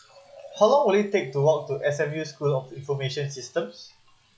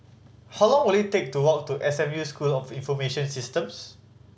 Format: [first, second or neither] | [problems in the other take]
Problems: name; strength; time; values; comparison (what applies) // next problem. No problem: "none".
second | noise reduction (classical method log-MMSE)